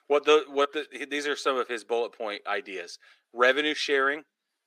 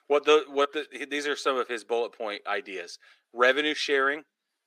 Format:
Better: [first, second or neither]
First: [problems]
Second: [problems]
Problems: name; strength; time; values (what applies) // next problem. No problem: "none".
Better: neither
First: thin; somewhat; fading below 350 Hz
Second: thin; somewhat; fading below 350 Hz